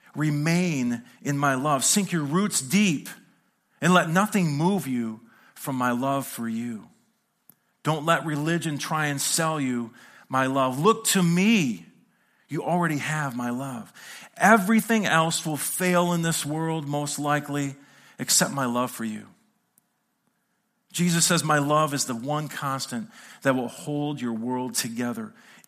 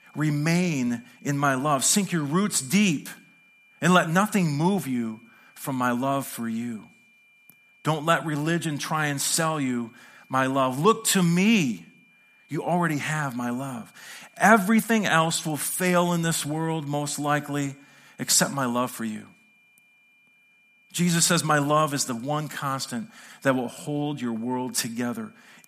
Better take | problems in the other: first | high-pitched whine; faint; throughout; 2.5 kHz, 30 dB below the speech

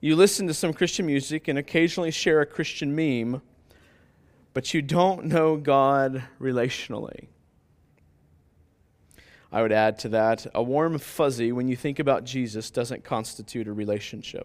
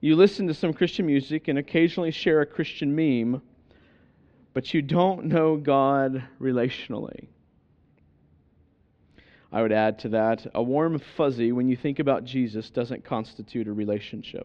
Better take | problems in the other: first | muffled; slightly; fading above 4 kHz

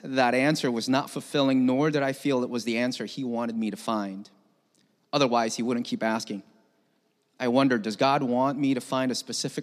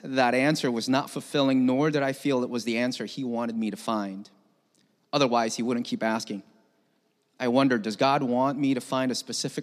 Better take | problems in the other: neither | none

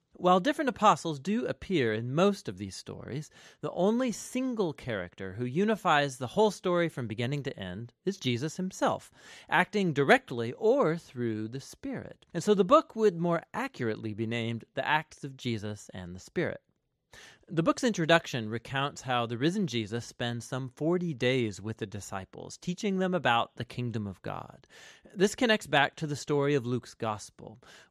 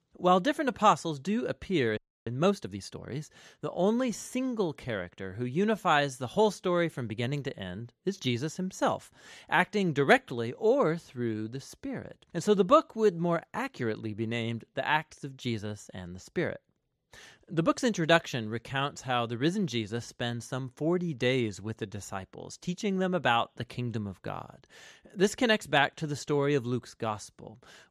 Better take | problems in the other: first | audio freezing; at 2 s

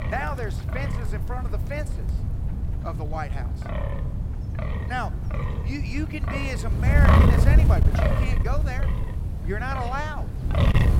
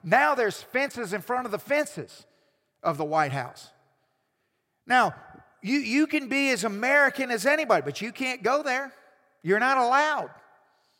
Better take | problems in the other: second | wind noise on the microphone; heavy; 1 dB below the speech

